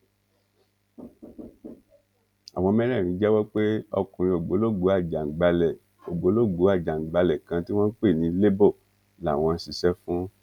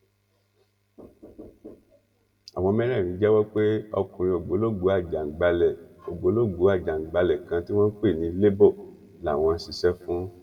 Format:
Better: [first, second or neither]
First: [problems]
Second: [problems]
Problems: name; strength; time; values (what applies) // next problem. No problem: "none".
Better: first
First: none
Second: room echo; dies away in 0.7 s